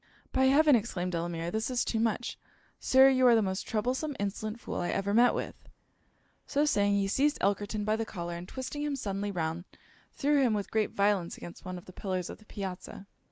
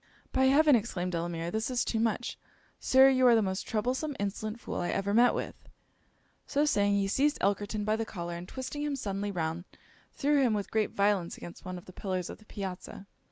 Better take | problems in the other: second | noise reduction (neural mask model Resemble Enhance denoiser)

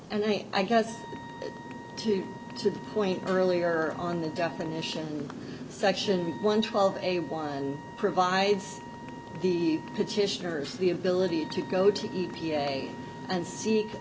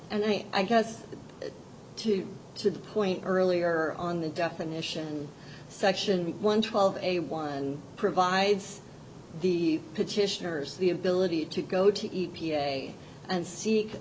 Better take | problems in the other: second | background sound (Wind instrument, woodwind instrument + Motorcycle); 13 dB below the speech

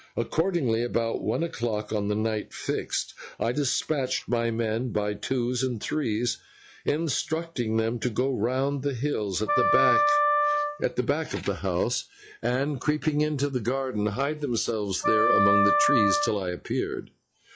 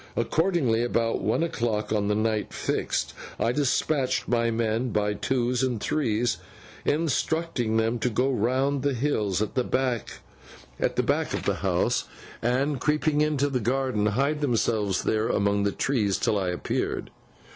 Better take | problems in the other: second | noise reduction (classical method log-MMSE)

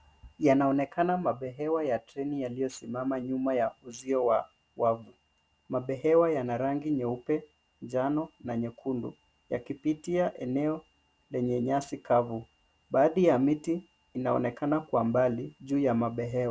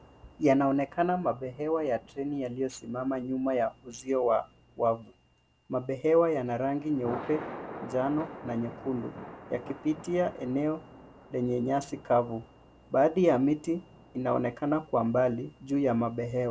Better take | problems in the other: first | background sound (Thunder); 18 dB below the speech

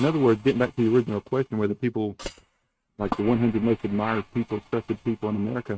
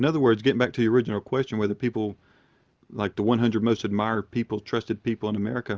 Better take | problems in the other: second | noise reduction (neural mask model RNNoise)

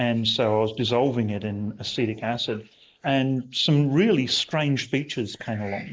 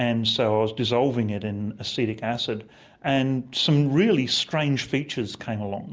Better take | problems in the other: second | noise reduction (neural mask model Resemble Enhance denoiser)

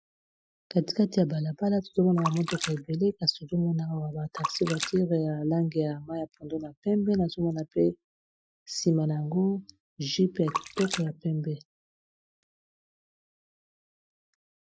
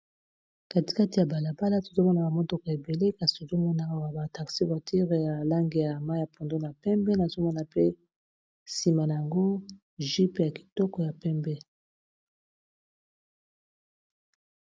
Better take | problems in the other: second | noise reduction (classical method Wiener filter)

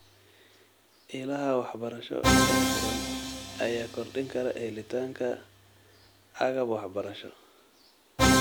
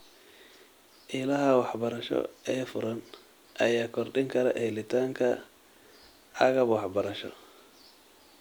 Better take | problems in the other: second | background sound (Musical instrument); 3 dB above the speech

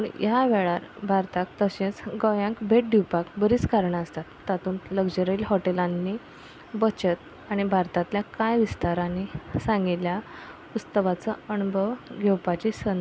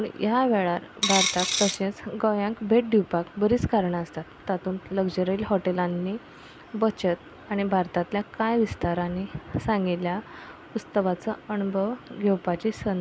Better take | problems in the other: first | background sound (Coin (dropping)); as loud as the speech

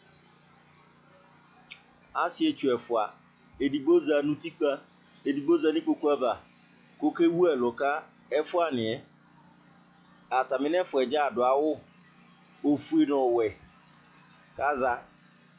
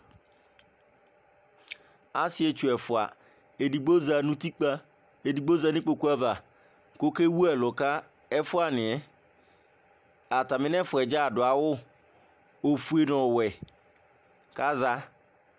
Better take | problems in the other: second | noise reduction (classical method log-MMSE)

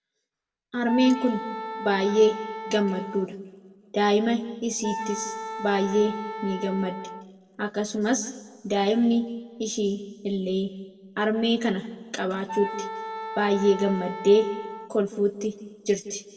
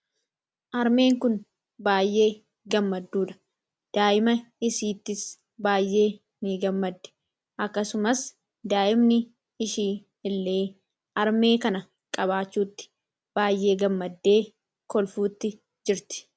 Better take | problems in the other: second | background sound (Wind instrument, woodwind instrument); 10 dB below the speech // room echo; dies away in 1.3 s

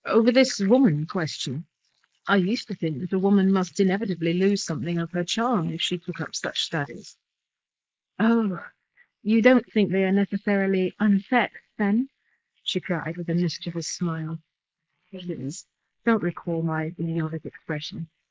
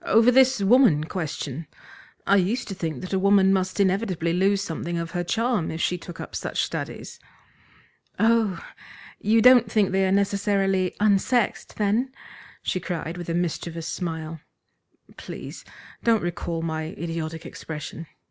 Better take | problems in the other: second | noise reduction (neural mask model Resemble Enhance denoiser)

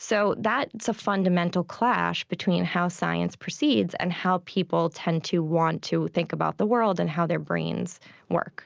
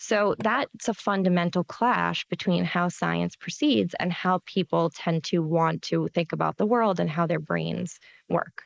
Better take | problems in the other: first | noise reduction (neural mask model Resemble Enhance denoiser)

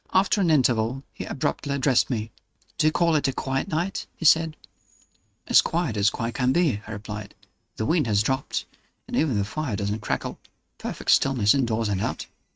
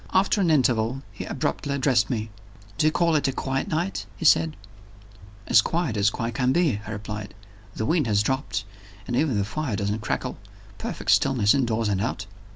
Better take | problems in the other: second | noise reduction (neural mask model RNNoise)

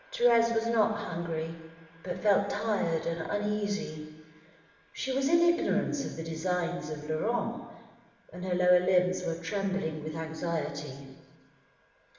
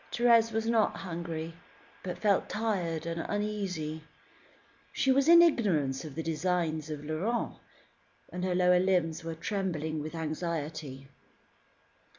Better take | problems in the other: second | room echo; dies away in 1.2 s

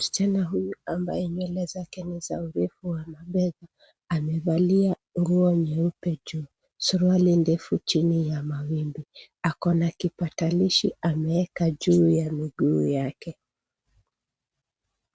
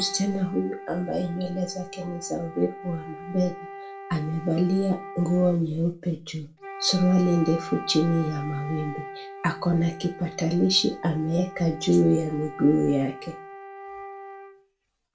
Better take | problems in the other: first | background sound (Wind instrument, woodwind instrument); 14 dB below the speech // room echo; dies away in 0.3 s

